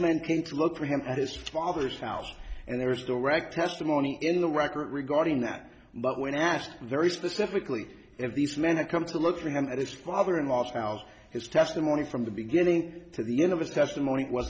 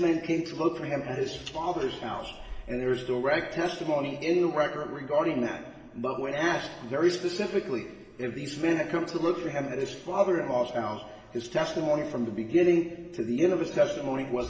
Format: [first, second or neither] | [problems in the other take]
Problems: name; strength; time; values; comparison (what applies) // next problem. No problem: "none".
first | room echo; dies away in 2 s